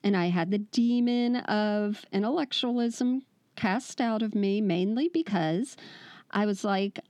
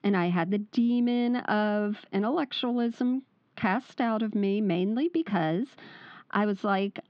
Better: first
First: none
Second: muffled; slightly; fading above 3.5 kHz

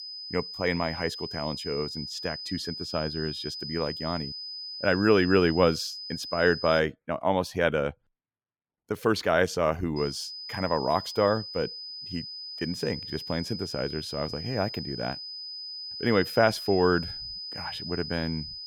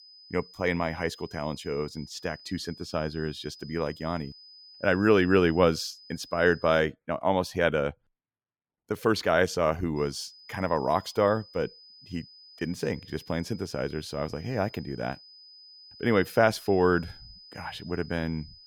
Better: second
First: high-pitched whine; loud; until 7 s and from 10 s on; 5 kHz, 8 dB below the speech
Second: high-pitched whine; faint; until 7 s and from 10 s on; 5 kHz, 20 dB below the speech

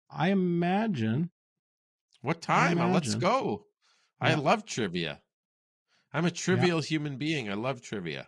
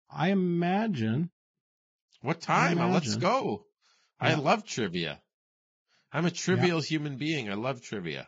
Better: first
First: garbled, watery; slightly; nothing above 10.5 kHz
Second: garbled, watery; badly; nothing above 7.5 kHz

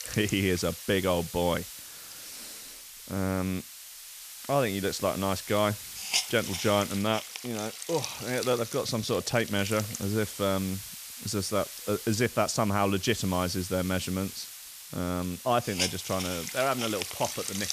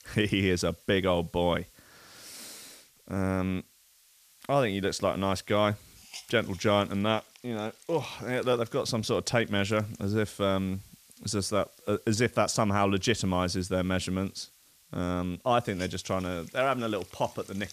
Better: second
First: hiss; loud; throughout; 7 dB below the speech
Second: hiss; faint; throughout; 25 dB below the speech

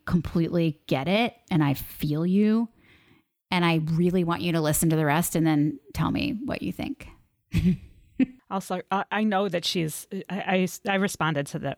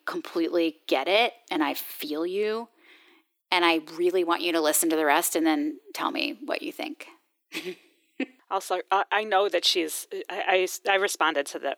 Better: first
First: none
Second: thin; very; fading below 350 Hz

